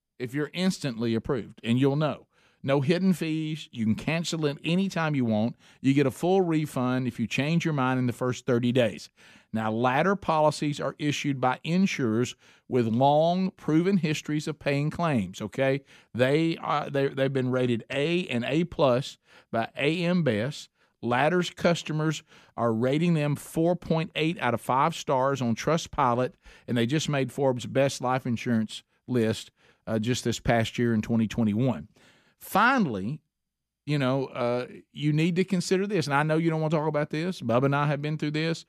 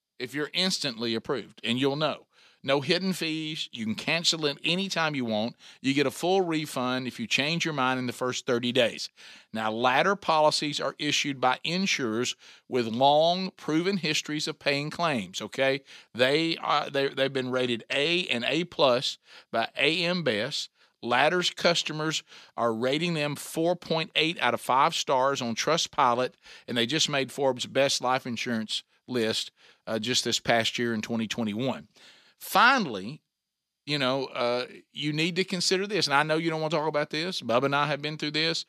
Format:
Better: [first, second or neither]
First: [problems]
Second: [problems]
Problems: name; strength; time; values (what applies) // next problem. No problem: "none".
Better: first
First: none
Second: thin; very slightly; fading below 450 Hz